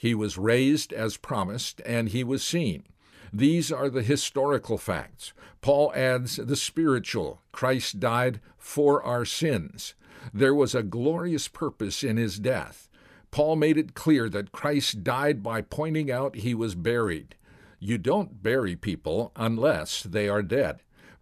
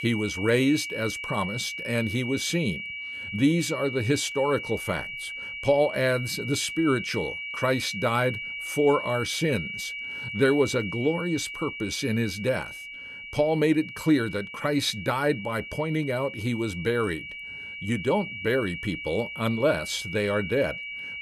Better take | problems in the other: first | high-pitched whine; loud; throughout; 2.5 kHz, 7 dB below the speech

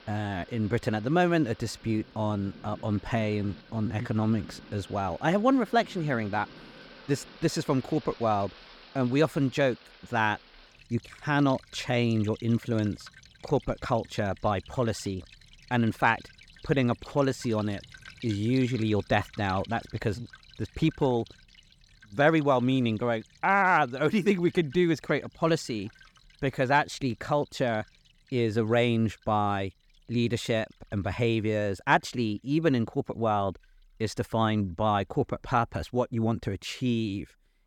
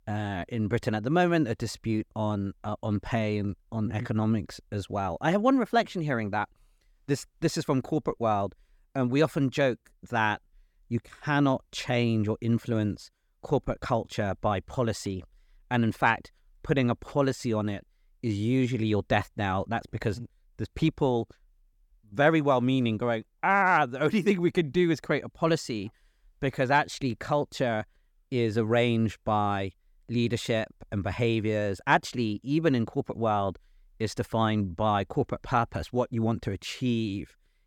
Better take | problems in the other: second | rain or running water; faint; throughout; 20 dB below the speech

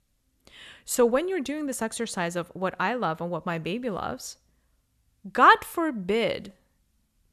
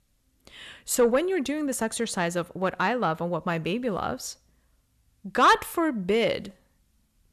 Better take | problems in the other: first | distortion; slight; 10 dB below the speech

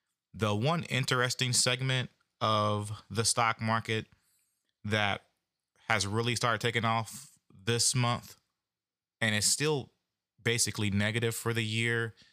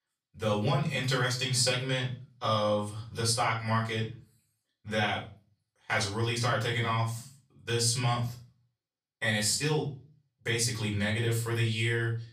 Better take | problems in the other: first | off-mic speech; far // room echo; slight; dies away in 0.3 s

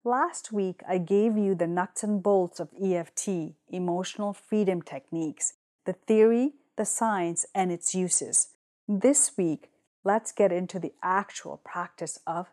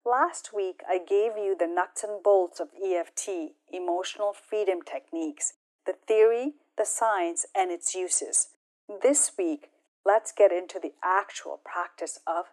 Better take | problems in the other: first | thin; very; fading below 300 Hz

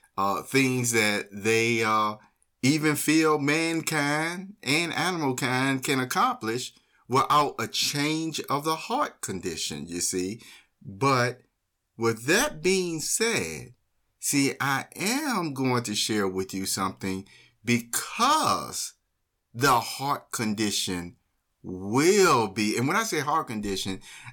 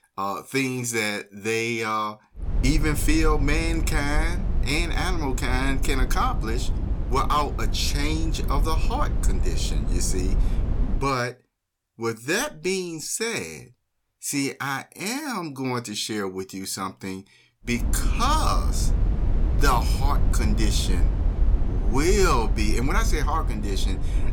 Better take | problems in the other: first | low rumble; noticeable; from 2.5 to 11 s and from 18 s on; 15 dB below the speech

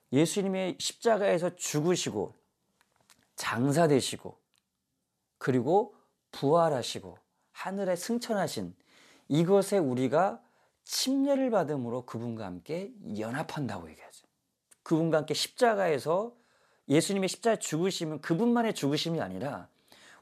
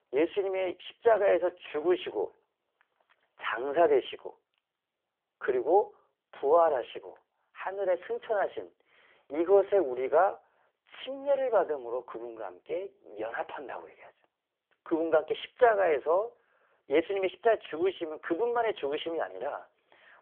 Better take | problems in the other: first | phone-call audio; poor line; nothing above 3.5 kHz

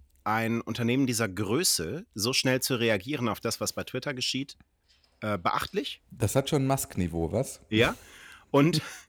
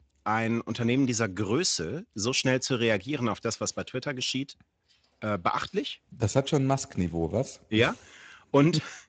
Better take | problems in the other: first | garbled, watery; slightly; nothing above 7.5 kHz

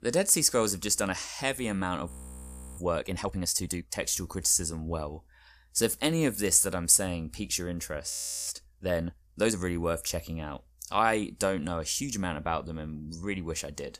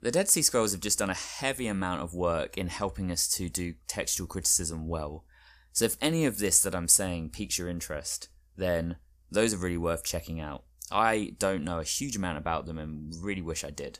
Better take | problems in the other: second | audio freezing; at 2 s for 0.5 s and at 8 s

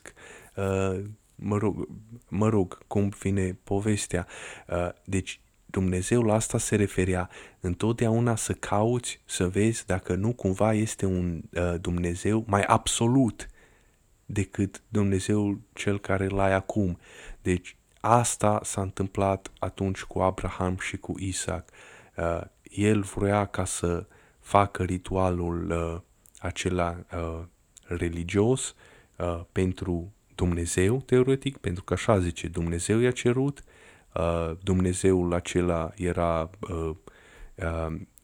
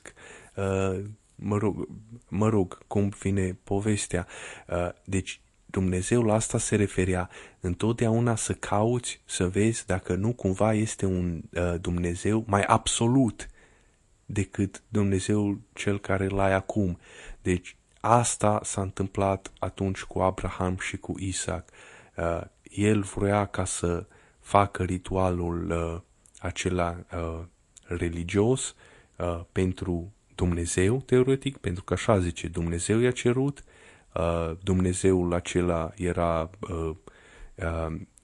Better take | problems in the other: first | garbled, watery; slightly; nothing above 10 kHz

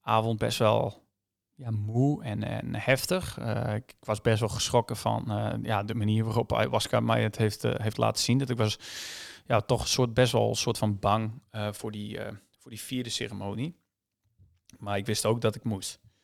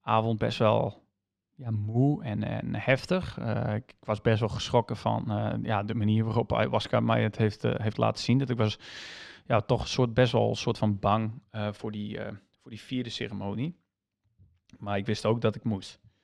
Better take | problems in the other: first | muffled; very slightly; fading above 3.5 kHz

